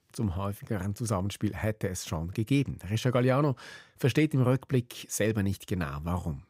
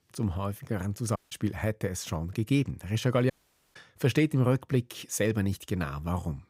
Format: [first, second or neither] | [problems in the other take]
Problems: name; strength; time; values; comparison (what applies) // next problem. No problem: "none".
first | audio cutting out; at 1 s and at 3.5 s